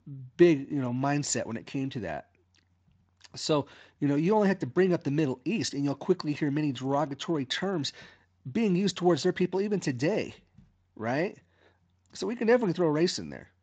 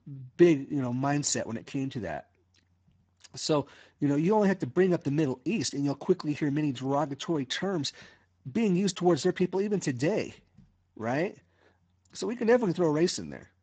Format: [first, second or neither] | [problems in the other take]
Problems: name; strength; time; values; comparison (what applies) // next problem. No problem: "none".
first | garbled, watery; badly; nothing above 7.5 kHz; slightly in the first